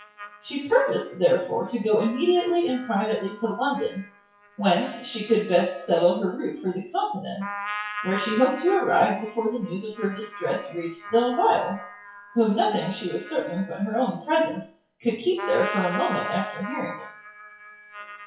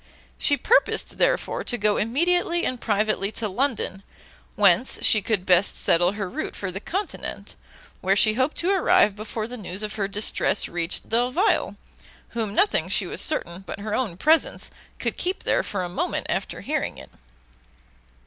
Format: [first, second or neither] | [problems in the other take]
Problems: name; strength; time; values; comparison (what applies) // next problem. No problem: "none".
second | noise reduction (classical method WPE with log-MMSE)